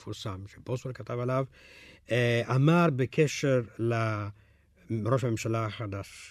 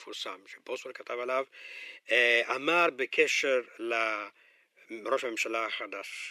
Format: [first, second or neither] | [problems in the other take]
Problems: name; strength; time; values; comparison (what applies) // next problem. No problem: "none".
first | thin; very; fading below 350 Hz